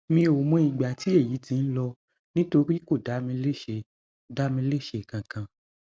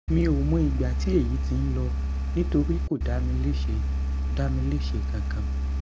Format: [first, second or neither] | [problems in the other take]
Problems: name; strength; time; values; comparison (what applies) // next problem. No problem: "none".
first | background sound (Engine); 3 dB above the speech